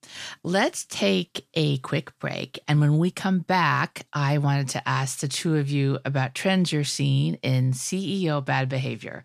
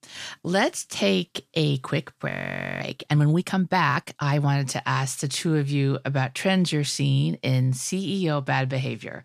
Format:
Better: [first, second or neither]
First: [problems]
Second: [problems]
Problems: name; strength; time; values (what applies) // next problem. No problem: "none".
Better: first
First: none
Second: audio freezing; at 2.5 s for 0.5 s